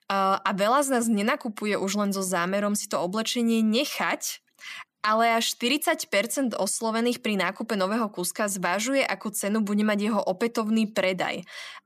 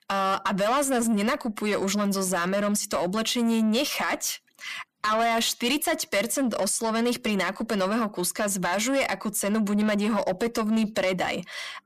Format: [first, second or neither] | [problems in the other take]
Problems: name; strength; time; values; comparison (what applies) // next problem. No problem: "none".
first | distortion; slight; 10 dB below the speech